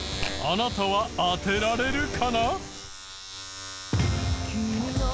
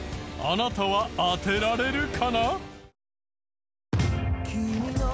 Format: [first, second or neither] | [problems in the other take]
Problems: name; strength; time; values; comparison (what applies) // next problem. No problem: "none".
second | background sound (Domestic sounds, home sounds); 11 dB below the speech